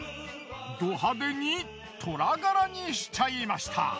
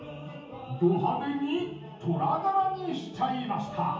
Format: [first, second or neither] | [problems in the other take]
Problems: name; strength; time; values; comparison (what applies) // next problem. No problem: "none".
first | room echo; dies away in 0.7 s